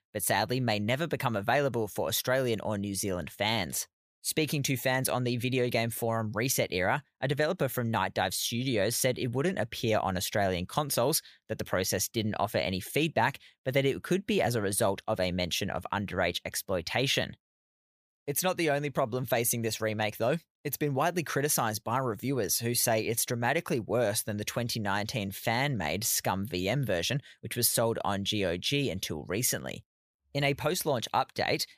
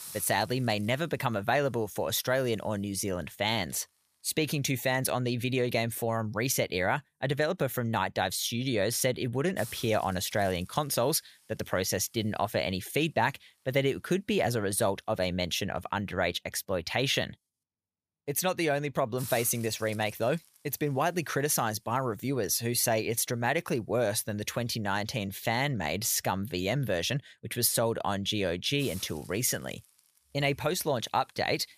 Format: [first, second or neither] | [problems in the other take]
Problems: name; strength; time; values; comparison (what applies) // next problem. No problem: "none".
first | hiss; noticeable; throughout; 20 dB below the speech